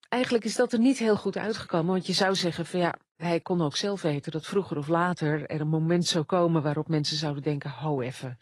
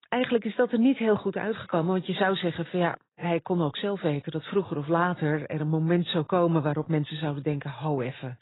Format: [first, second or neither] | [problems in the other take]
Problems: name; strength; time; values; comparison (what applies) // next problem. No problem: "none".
first | garbled, watery; badly; nothing above 4 kHz; slightly in the first